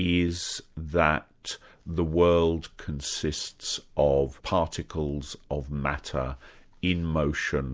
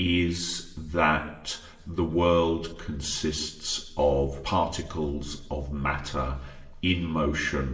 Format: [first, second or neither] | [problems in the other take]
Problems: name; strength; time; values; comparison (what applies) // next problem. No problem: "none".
first | room echo; dies away in 0.8 s